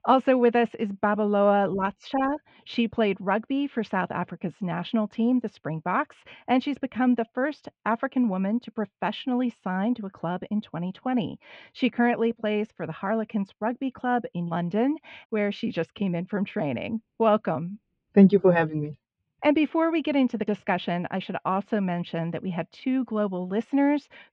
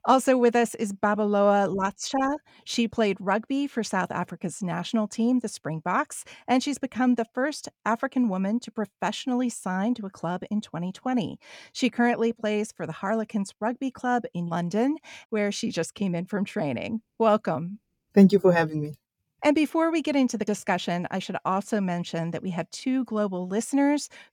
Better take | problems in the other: second | muffled; very; fading above 3 kHz

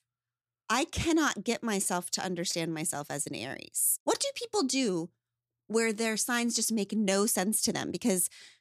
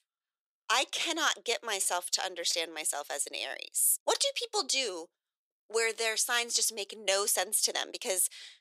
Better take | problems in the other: first | thin; very; fading below 500 Hz

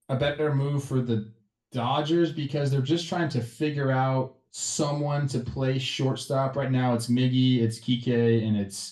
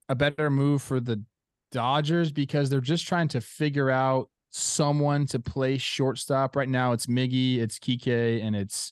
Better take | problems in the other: second | room echo; very slight; dies away in 0.3 s // off-mic speech; far

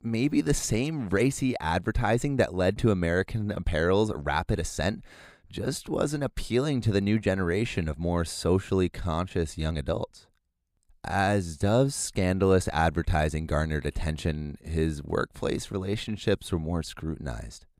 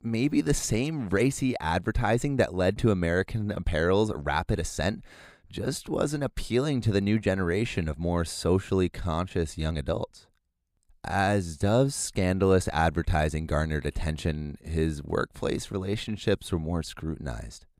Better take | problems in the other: neither | none

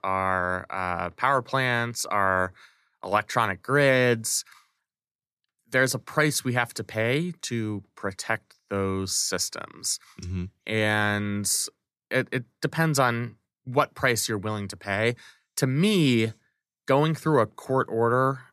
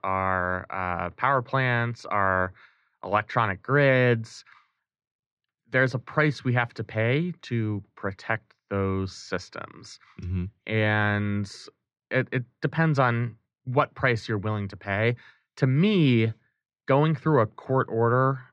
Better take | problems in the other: first | muffled; slightly; fading above 3 kHz

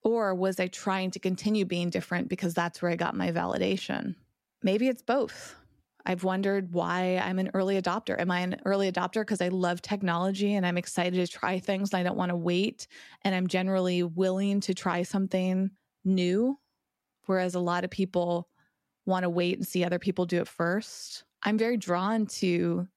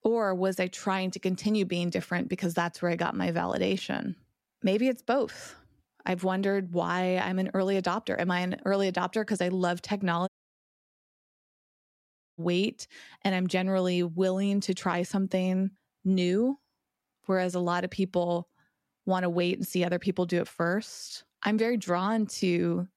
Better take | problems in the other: first | audio cutting out; at 10 s for 2 s

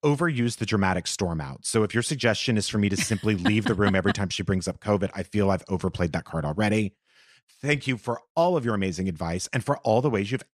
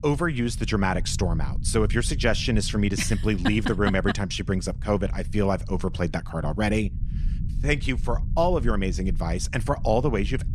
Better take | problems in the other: first | low rumble; faint; throughout; 20 dB below the speech

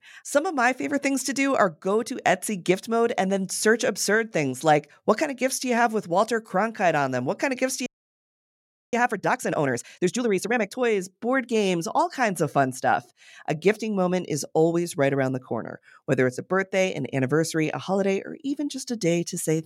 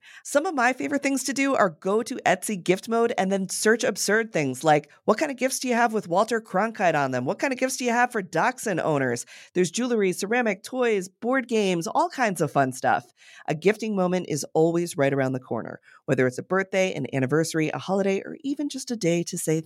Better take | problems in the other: second | audio freezing; at 8 s for 1 s

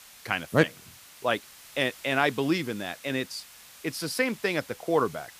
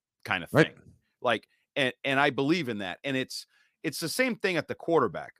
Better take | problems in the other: second | hiss; noticeable; throughout; 20 dB below the speech

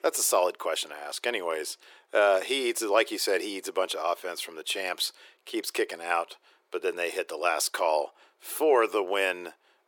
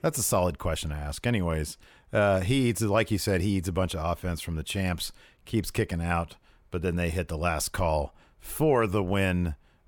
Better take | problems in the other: second | thin; very; fading below 350 Hz

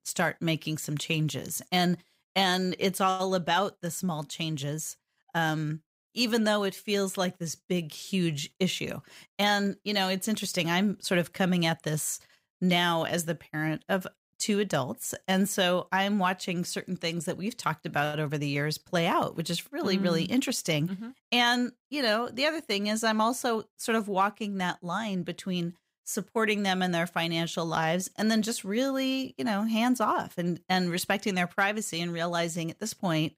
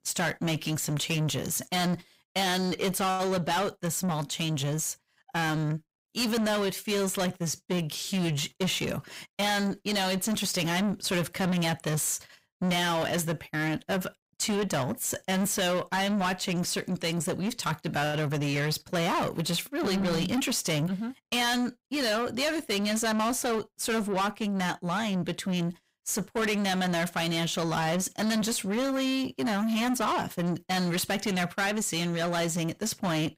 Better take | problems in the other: first | distortion; heavy; 7 dB below the speech

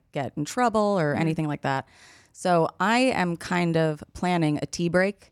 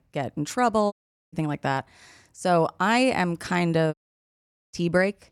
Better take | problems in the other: first | audio cutting out; at 1 s and at 4 s for 1 s

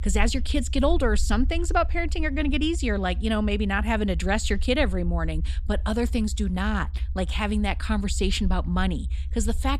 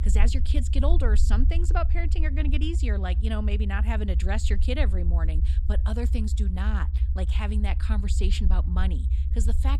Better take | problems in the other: first | low rumble; loud; throughout; 10 dB below the speech; faint in the first

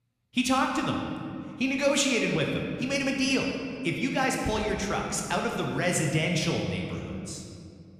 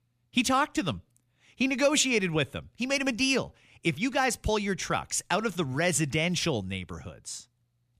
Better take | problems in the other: second | room echo; noticeable; dies away in 2 s

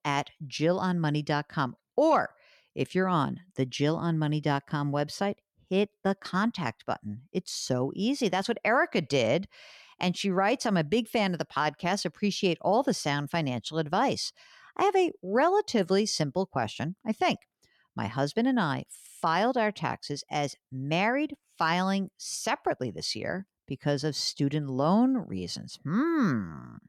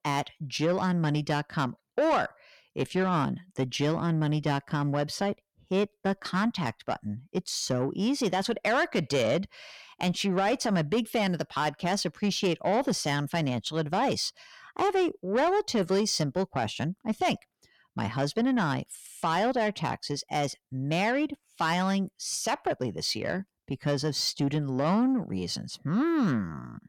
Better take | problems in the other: first | distortion; slight; 10 dB below the speech

